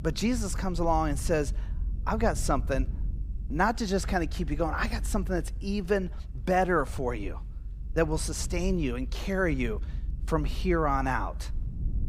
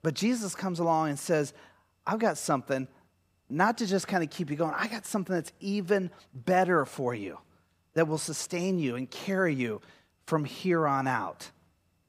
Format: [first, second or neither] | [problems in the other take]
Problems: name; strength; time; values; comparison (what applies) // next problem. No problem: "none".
second | low rumble; faint; throughout; 25 dB below the speech